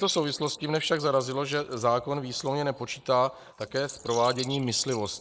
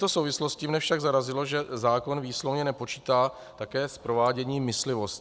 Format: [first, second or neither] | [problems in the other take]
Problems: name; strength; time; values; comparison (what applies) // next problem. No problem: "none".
second | noise reduction (neural mask model Resemble Enhance denoiser)